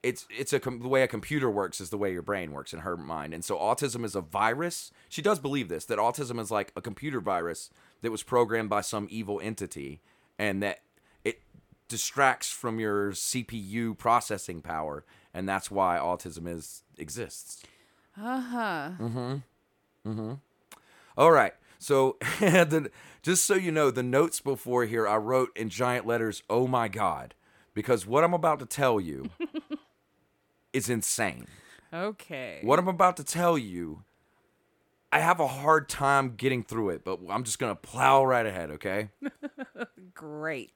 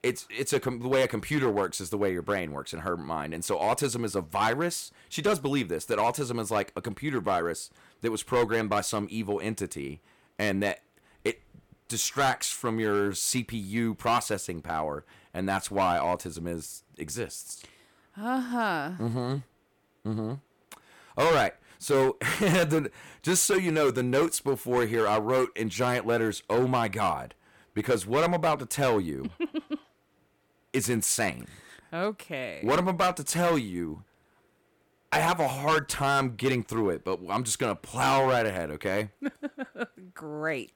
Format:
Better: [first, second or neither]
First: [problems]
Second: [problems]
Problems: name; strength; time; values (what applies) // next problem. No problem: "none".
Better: first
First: none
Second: distortion; heavy; 5% of the sound clipped